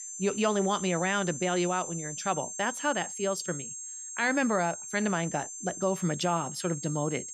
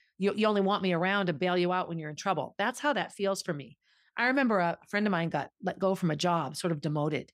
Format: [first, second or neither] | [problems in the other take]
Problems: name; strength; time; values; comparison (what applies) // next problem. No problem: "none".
second | high-pitched whine; loud; throughout; 7.5 kHz, 7 dB below the speech